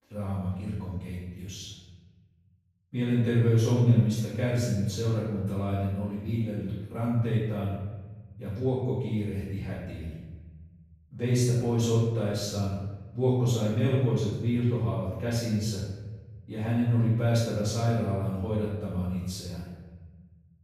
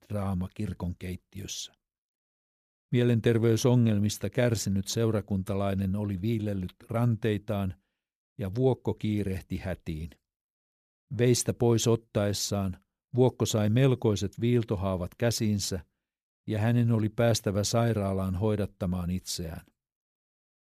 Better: second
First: off-mic speech; far // room echo; strong; dies away in 1.3 s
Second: none

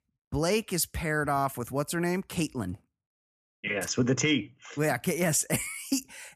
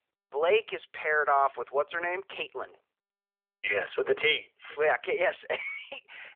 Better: first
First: none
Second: phone-call audio; nothing above 3.5 kHz

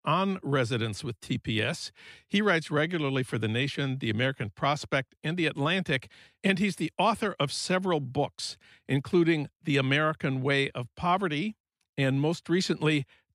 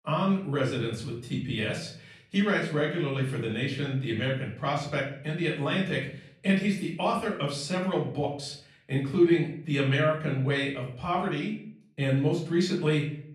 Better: first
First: none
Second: off-mic speech; far // room echo; slight; dies away in 0.5 s

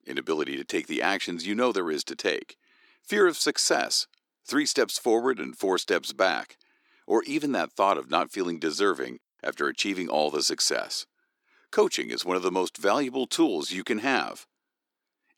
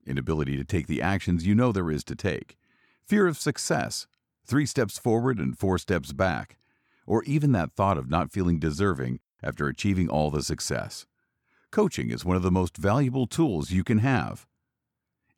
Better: second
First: thin; somewhat; fading below 300 Hz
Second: none

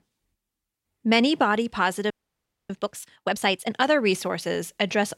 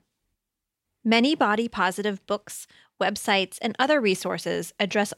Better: second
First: audio freezing; at 2 s for 0.5 s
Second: none

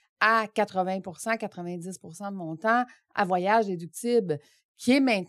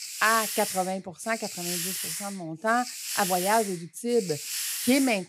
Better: first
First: none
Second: hiss; loud; throughout; 3 dB below the speech

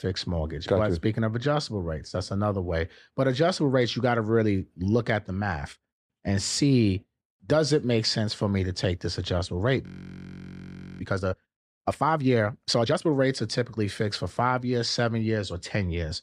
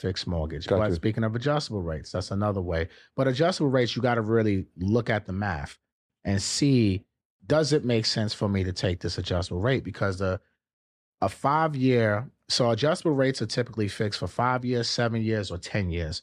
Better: second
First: audio freezing; at 10 s for 1 s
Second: none

